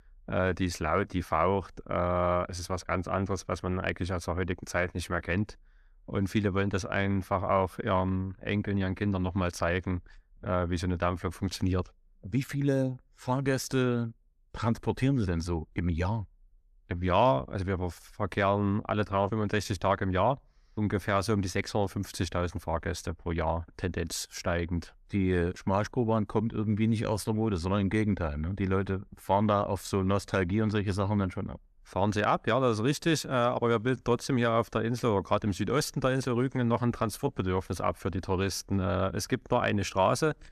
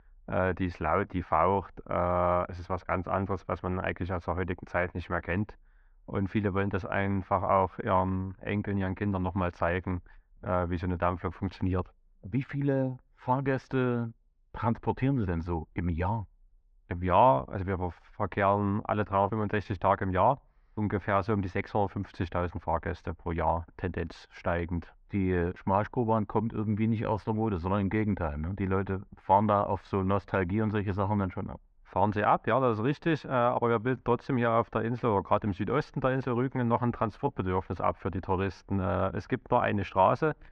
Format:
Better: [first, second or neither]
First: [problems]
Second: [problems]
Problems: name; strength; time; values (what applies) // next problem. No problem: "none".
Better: first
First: none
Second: muffled; very; fading above 2.5 kHz